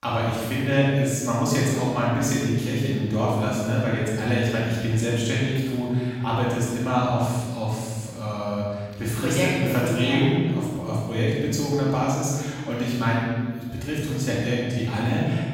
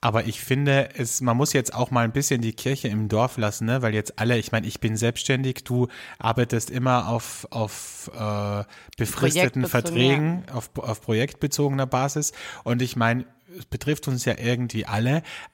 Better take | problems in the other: second | off-mic speech; far // room echo; strong; dies away in 1.7 s

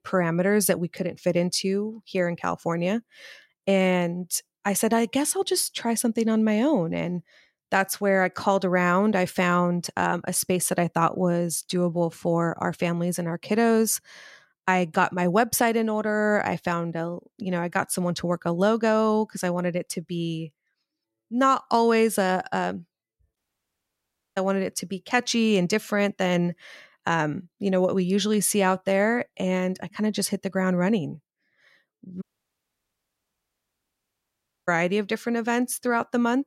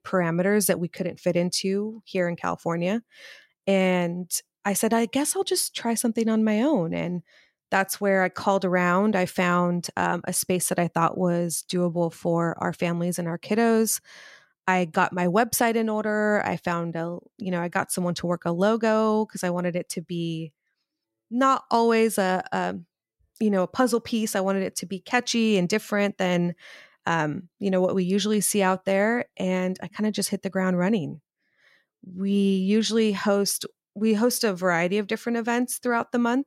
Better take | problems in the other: second | audio cutting out; at 23 s for 1 s and at 32 s for 2.5 s

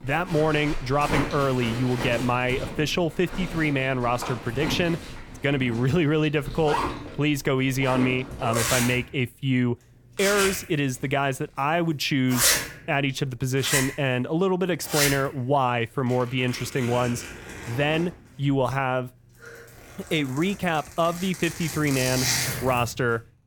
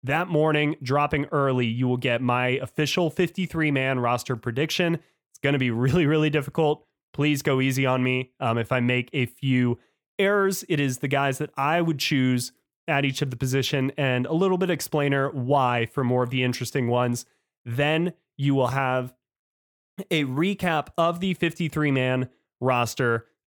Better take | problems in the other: second | household noises; loud; throughout; 4 dB below the speech

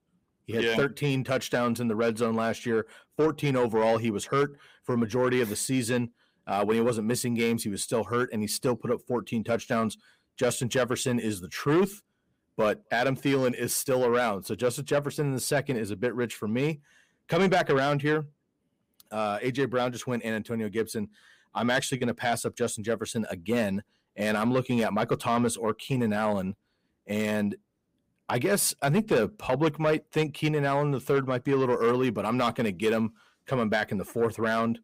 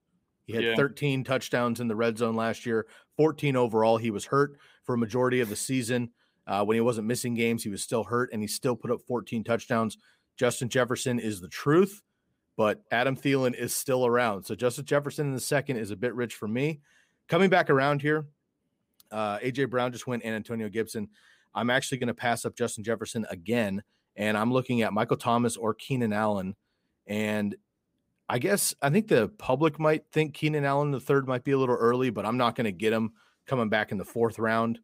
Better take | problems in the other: second | distortion; slight; 10 dB below the speech

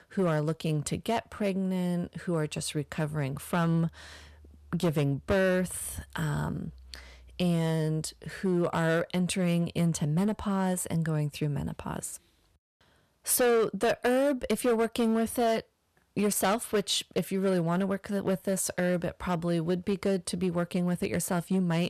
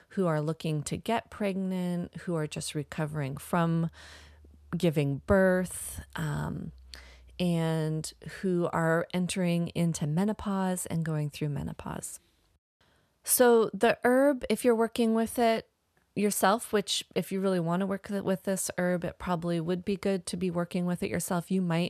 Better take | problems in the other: second | distortion; slight; 6% of the sound clipped

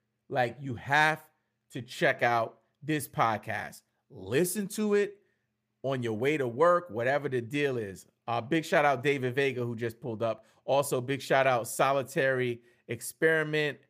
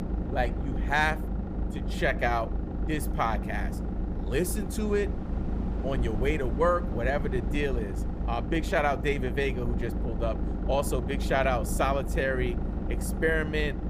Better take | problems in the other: first | low rumble; noticeable; throughout; 10 dB below the speech

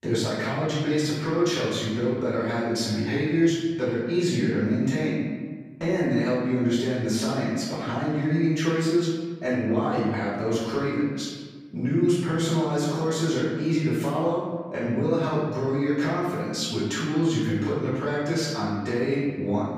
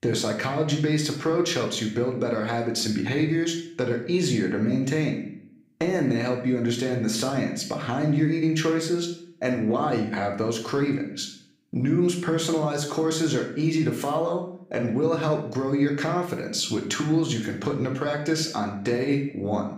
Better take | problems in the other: second | room echo; strong; dies away in 1.4 s; slight in the second // off-mic speech; far; somewhat distant in the second

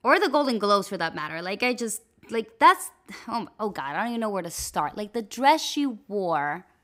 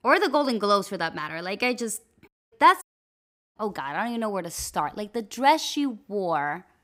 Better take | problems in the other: first | audio cutting out; at 2.5 s and at 3 s for 0.5 s

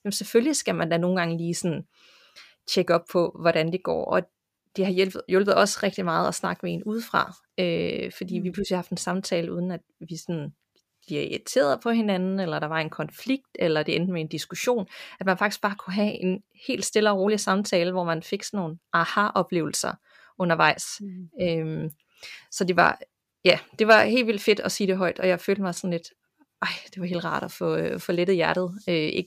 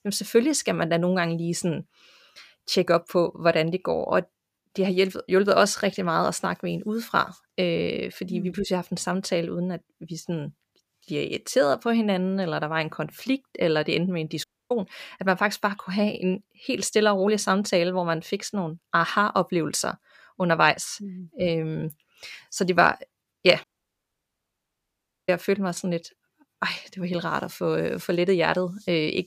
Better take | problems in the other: first | audio cutting out; at 14 s and at 24 s for 1.5 s

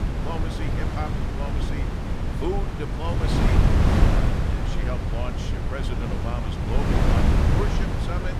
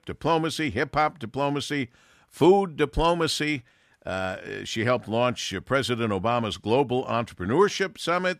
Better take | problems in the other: second | wind noise on the microphone; heavy; 4 dB above the speech

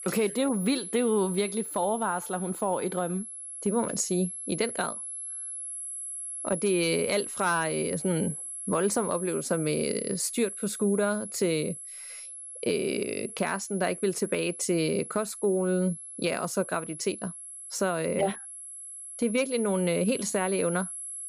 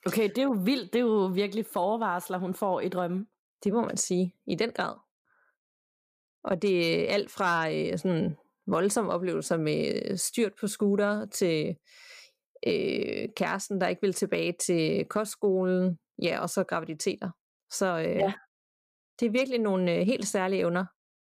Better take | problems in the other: second | high-pitched whine; loud; throughout; 11 kHz, 8 dB below the speech

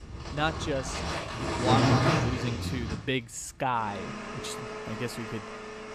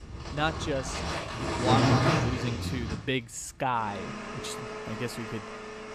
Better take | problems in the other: neither | household noises; very loud; throughout; 3 dB above the speech; the same in both

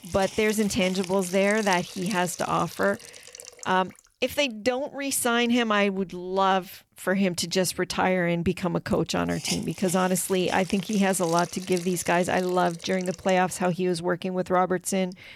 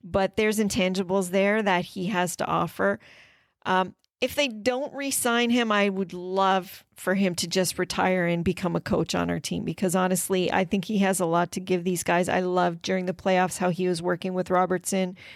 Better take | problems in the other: second | hiss; noticeable; throughout; 15 dB below the speech

